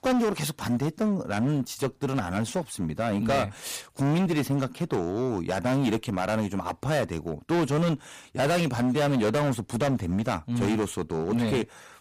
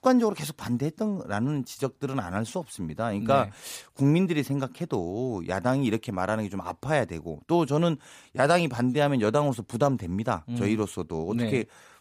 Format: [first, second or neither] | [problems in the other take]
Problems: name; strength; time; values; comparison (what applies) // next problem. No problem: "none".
second | distortion; heavy; 15% of the sound clipped